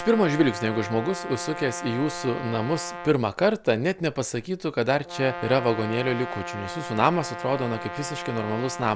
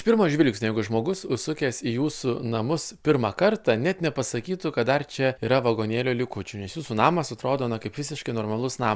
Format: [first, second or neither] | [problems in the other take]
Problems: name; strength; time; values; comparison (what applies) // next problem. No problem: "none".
second | background sound (Brass instrument); 10 dB below the speech